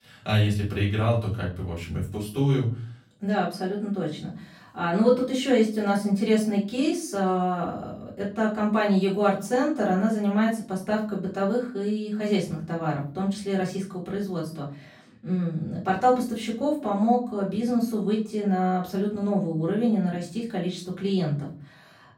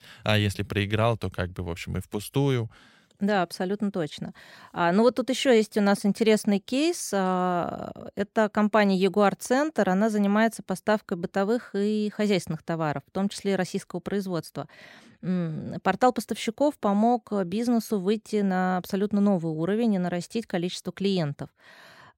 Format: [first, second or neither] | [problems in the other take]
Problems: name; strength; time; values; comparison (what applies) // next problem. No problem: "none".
second | off-mic speech; far // room echo; slight; dies away in 0.4 s